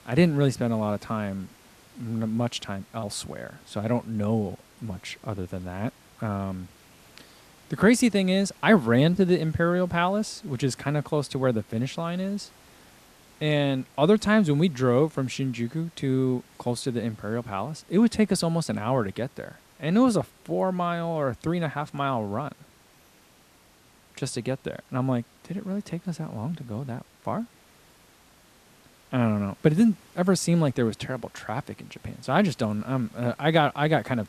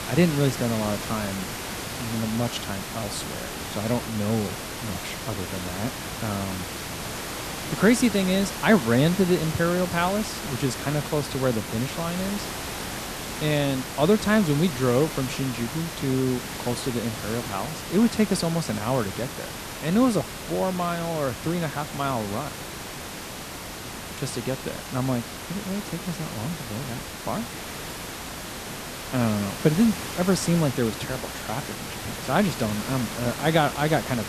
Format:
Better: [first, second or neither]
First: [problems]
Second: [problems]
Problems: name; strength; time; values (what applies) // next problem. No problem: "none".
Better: first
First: hiss; faint; throughout; 30 dB below the speech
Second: hiss; loud; throughout; 7 dB below the speech